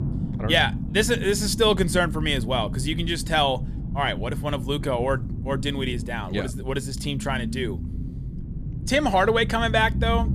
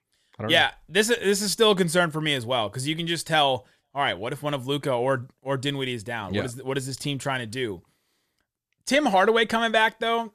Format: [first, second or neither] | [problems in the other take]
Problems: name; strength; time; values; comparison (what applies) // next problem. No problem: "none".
second | low rumble; noticeable; throughout; 15 dB below the speech